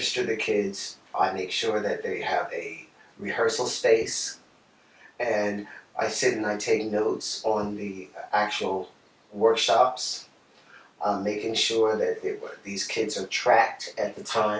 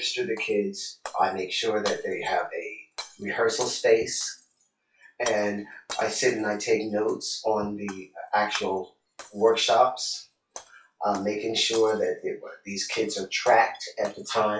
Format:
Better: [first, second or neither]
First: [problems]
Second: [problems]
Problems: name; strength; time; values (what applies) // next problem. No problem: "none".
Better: first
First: none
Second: noise reduction (classical method log-MMSE)